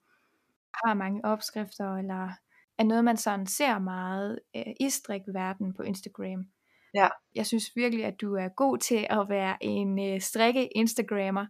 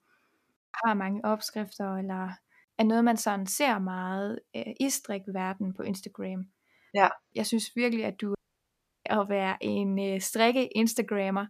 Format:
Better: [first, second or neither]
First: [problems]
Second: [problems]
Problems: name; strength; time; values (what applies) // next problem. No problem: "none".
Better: first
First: none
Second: audio cutting out; at 8.5 s for 0.5 s